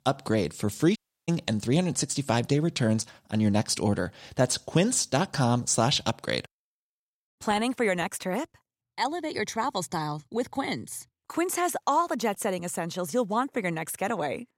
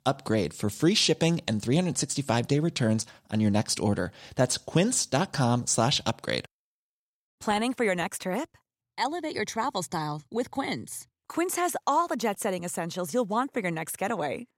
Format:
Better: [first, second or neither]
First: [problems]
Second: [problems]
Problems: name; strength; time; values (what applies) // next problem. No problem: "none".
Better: second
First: audio cutting out; at 1 s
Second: none